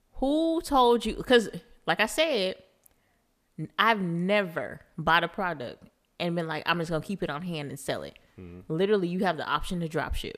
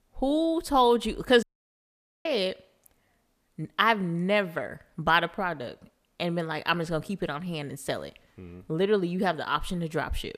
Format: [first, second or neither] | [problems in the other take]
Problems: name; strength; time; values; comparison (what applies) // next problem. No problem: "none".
first | audio cutting out; at 1.5 s for 1 s